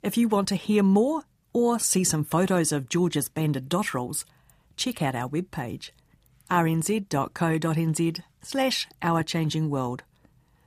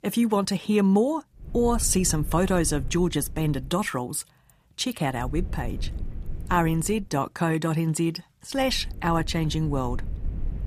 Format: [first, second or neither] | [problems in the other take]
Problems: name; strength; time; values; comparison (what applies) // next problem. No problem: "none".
first | low rumble; faint; from 1.5 to 4 s, from 5 to 7 s and from 8.5 s on; 25 dB below the speech